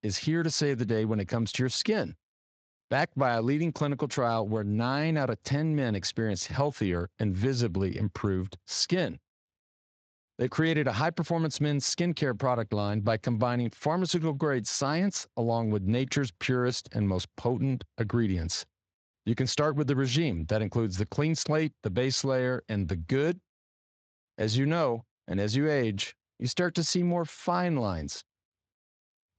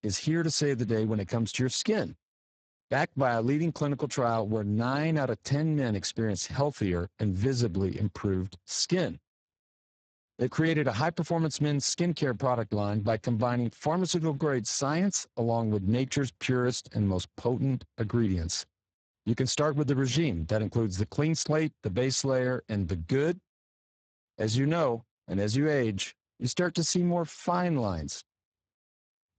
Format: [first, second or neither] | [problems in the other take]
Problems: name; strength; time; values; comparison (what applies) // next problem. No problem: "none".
first | garbled, watery; badly; nothing above 7.5 kHz; slightly in the first